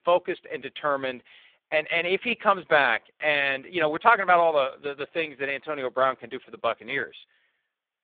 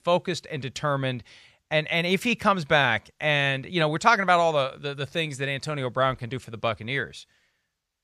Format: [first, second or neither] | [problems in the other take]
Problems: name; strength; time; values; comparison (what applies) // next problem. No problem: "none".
second | phone-call audio; poor line; nothing above 3.5 kHz